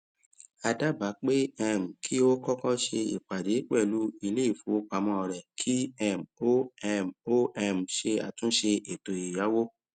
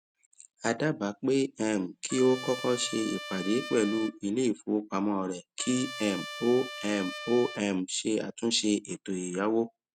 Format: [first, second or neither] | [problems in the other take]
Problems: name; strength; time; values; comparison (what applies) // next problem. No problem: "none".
first | background sound (Trumpet); 11 dB below the speech